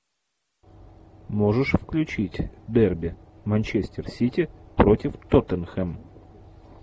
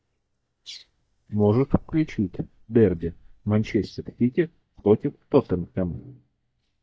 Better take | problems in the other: first | noise reduction (neural mask model DeepFilterNet 3)

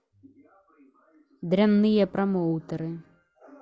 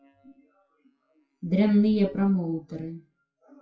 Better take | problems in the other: first | noise reduction (classical method WPE with log-MMSE)

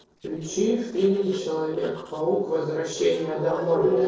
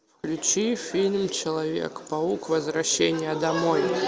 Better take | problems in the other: second | noise reduction (neural separator model SepFormer DNS4)

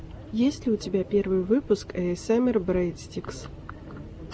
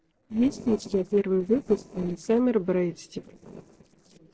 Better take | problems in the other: first | noise reduction (neural separator model SepFormer DNS4)

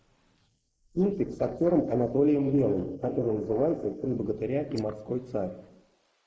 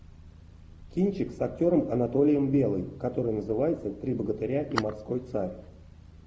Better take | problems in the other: second | noise reduction (neural mask model Resemble Enhance denoiser)

